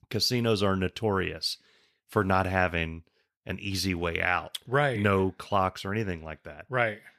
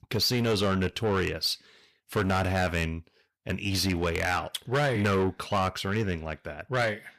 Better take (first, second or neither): first